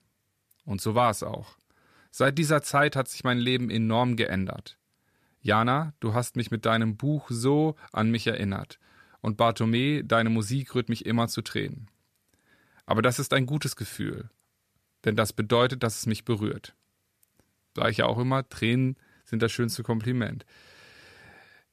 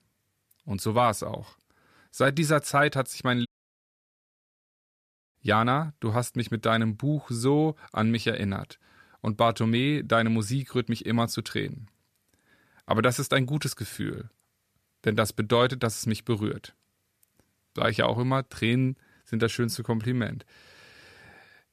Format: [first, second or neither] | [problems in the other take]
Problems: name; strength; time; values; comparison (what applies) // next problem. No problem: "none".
first | audio cutting out; at 3.5 s for 2 s